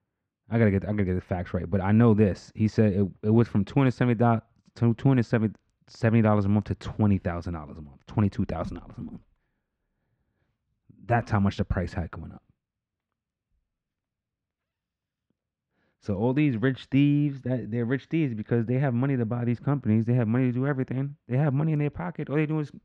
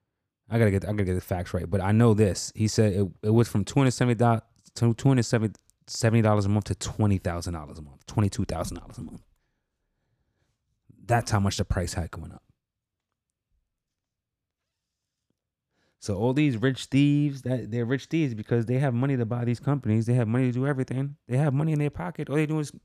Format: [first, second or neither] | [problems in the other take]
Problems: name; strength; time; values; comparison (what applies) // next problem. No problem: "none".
second | muffled; slightly; fading above 2.5 kHz